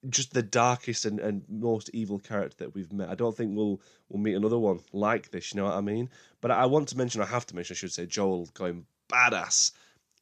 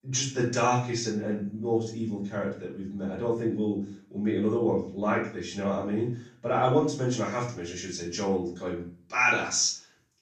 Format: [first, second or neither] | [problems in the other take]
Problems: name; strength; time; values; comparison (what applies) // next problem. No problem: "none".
first | off-mic speech; far // room echo; noticeable; dies away in 0.4 s